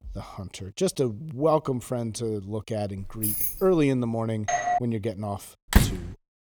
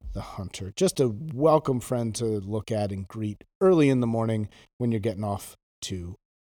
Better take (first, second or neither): second